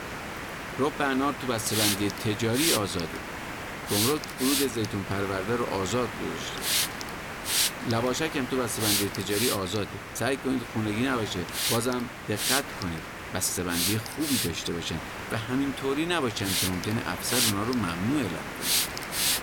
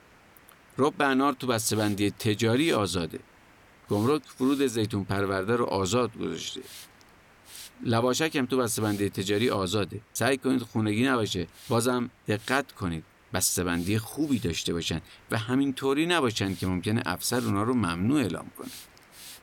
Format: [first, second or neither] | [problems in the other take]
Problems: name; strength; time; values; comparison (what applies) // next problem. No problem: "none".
second | hiss; loud; throughout; as loud as the speech; faint in the second